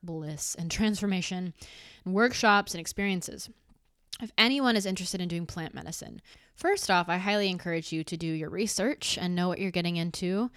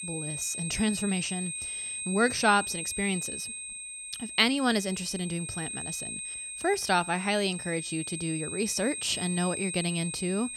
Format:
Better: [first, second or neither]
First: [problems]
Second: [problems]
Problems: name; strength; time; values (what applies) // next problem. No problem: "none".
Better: first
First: none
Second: high-pitched whine; loud; throughout; 8.5 kHz, 5 dB below the speech